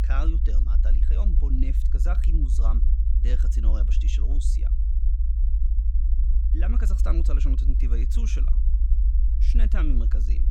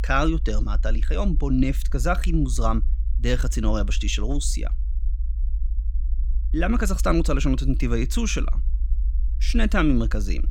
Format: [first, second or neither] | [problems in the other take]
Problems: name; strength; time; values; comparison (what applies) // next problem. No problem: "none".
second | low rumble; loud; throughout; 5 dB below the speech; faint in the second